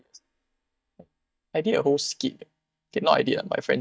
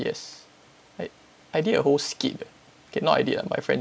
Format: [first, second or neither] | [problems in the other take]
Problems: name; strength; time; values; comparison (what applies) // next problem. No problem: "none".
second | noise reduction (neural mask model DeepFilterNet 3)